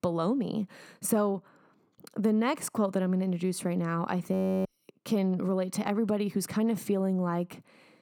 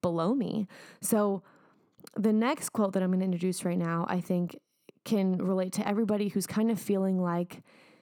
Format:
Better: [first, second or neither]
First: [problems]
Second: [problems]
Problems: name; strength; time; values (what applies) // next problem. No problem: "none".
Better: second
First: audio freezing; at 4.5 s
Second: none